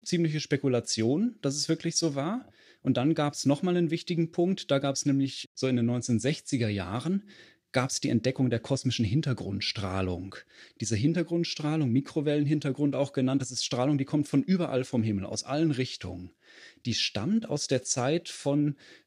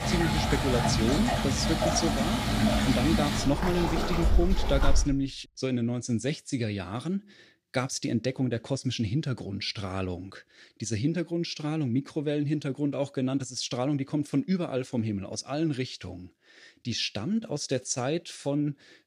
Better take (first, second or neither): first